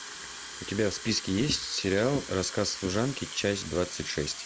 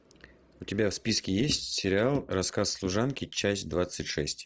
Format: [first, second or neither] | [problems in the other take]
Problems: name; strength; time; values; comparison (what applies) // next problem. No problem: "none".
second | background sound (Fill (with liquid) / Water tap, faucet); 11 dB below the speech